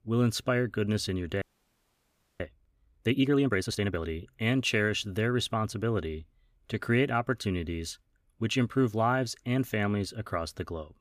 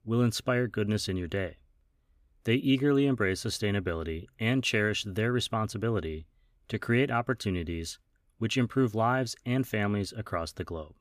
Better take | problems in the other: second | audio freezing; at 1.5 s for 1 s

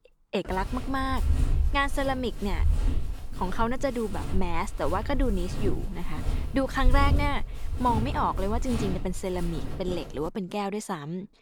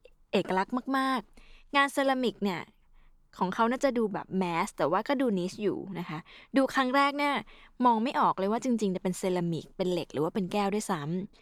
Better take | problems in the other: second | footsteps; loud; from 0.5 to 10 s; peak 5 dB above the speech

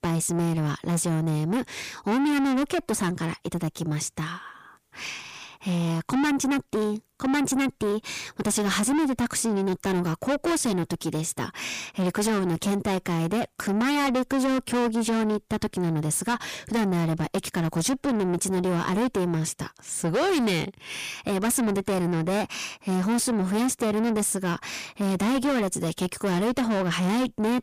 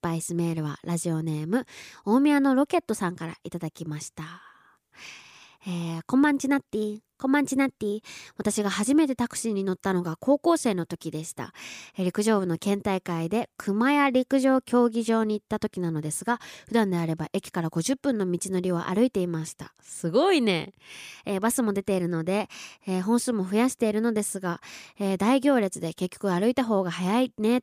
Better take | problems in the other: second | distortion; heavy; 6 dB below the speech

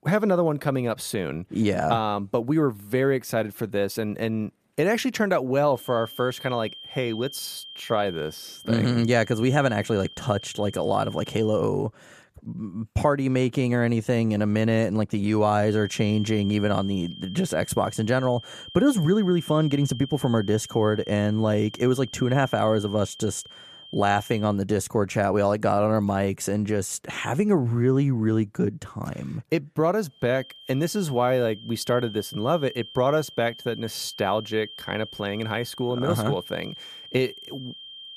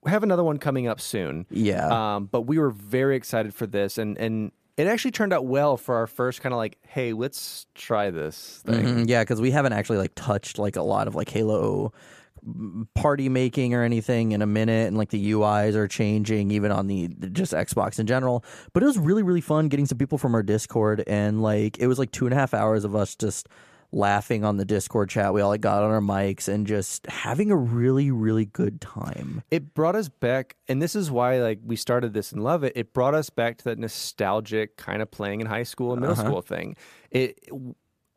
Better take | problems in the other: second | high-pitched whine; noticeable; from 6 to 12 s, from 16 to 24 s and from 30 s on; 3 kHz, 15 dB below the speech

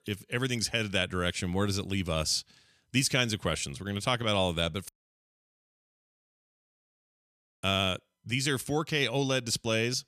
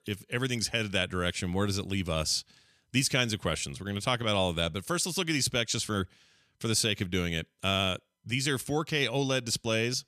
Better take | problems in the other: second | audio cutting out; at 5 s for 2.5 s

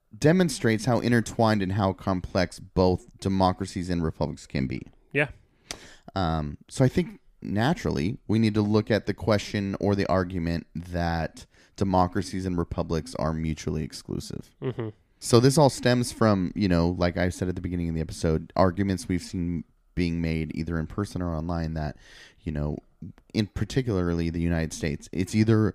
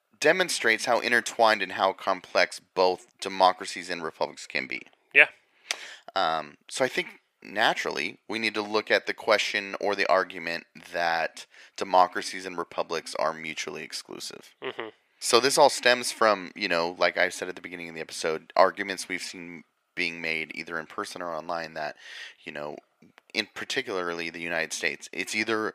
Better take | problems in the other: first | thin; very; fading below 650 Hz

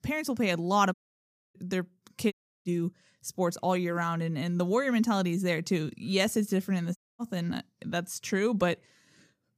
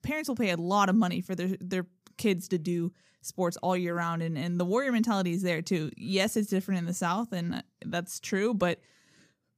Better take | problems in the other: second | audio cutting out; at 1 s for 0.5 s, at 2.5 s and at 7 s

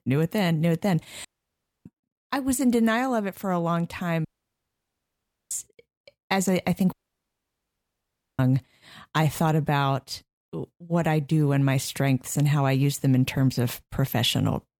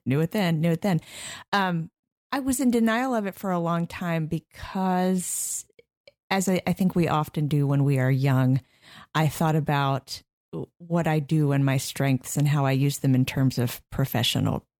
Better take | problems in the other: second | audio cutting out; at 1.5 s for 0.5 s, at 4.5 s for 1.5 s and at 7 s for 1.5 s

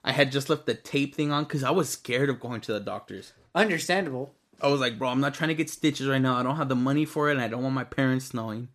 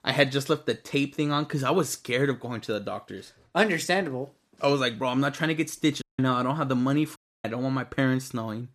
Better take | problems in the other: first | audio cutting out; at 6 s and at 7 s

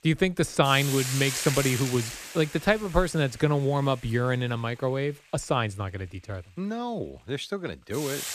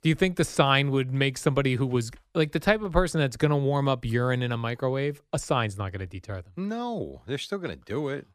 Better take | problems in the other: second | hiss; loud; throughout; 6 dB below the speech

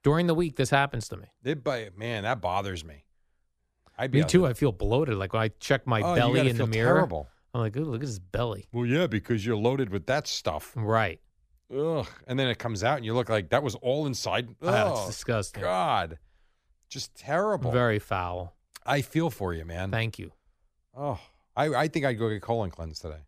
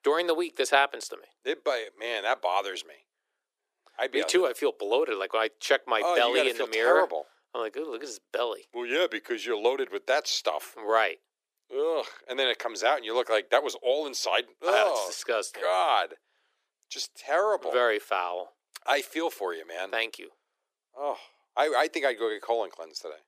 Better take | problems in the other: first | thin; very; fading below 350 Hz

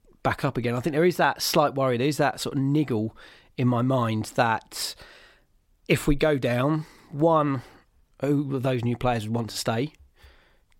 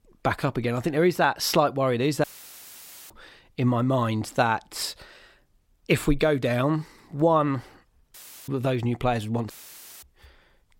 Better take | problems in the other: first | audio cutting out; filled with static; at 2 s for 1 s, at 8 s and at 9.5 s for 0.5 s

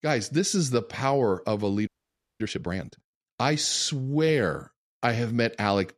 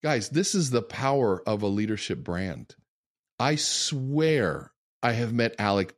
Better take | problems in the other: second | audio freezing; at 2 s for 0.5 s

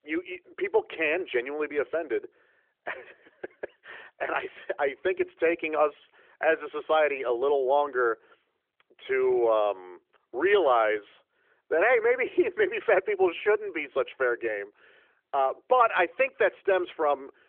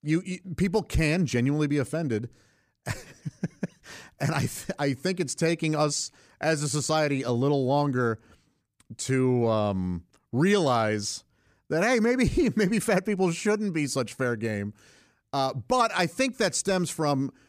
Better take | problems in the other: second | phone-call audio; nothing above 3.5 kHz

